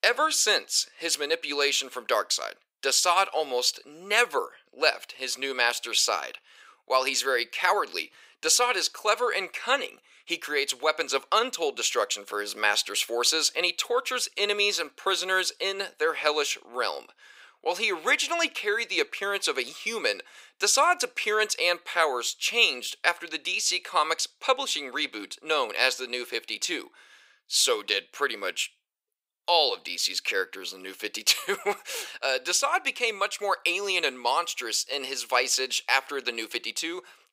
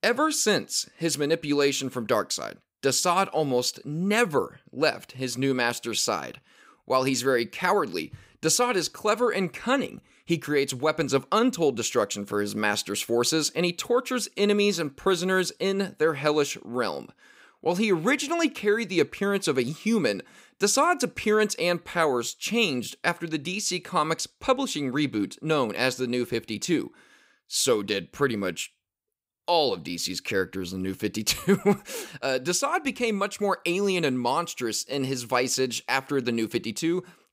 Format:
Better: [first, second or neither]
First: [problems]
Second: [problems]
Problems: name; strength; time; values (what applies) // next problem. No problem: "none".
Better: second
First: thin; very; fading below 500 Hz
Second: none